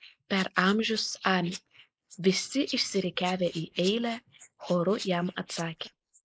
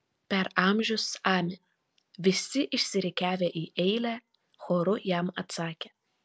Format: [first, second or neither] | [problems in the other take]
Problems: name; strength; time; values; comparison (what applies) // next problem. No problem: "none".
second | noise reduction (neural mask model Resemble Enhance denoiser)